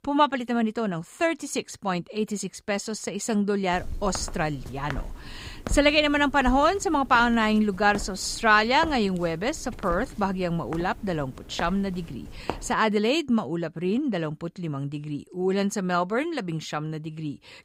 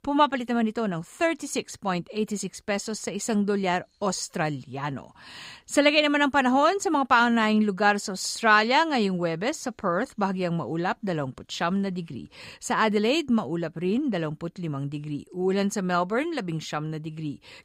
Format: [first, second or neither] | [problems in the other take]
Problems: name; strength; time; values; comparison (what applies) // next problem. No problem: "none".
second | footsteps; noticeable; from 3.5 to 13 s; peak 9 dB below the speech